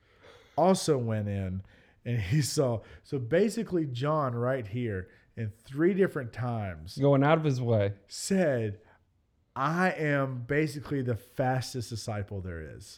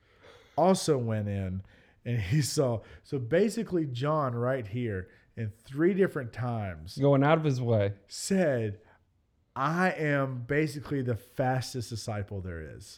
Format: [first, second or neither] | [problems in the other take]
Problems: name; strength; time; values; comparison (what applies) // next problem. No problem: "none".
neither | none